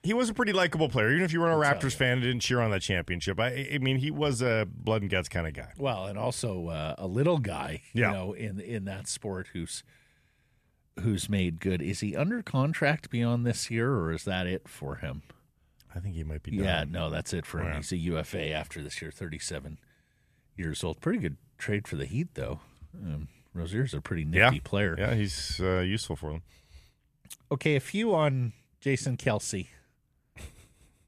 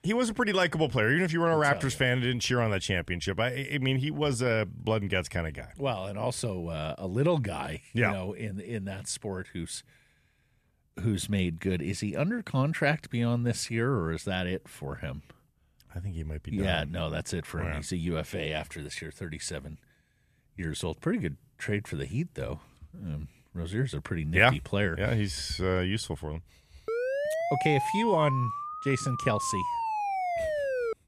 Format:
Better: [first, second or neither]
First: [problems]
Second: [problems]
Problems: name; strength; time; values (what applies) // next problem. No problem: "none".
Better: first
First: none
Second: siren; noticeable; from 27 s on; peak level with the speech